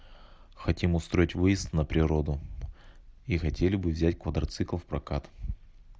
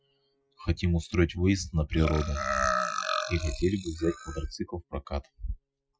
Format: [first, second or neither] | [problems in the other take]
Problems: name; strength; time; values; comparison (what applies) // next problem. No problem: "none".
first | noise reduction (classical method Wiener filter)